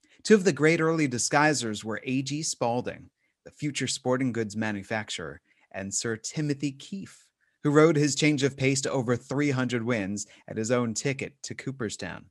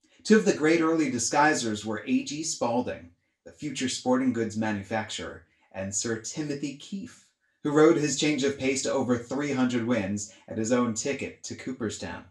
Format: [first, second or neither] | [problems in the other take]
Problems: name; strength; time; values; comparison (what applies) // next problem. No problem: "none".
first | room echo; very slight; dies away in 0.3 s // off-mic speech; far